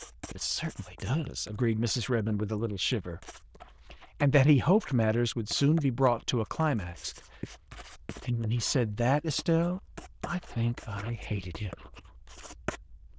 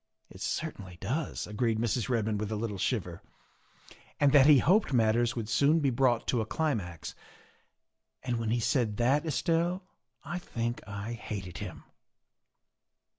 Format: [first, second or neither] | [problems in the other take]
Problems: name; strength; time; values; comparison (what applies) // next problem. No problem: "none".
second | noise reduction (neural diffusion model UNIVERSE++)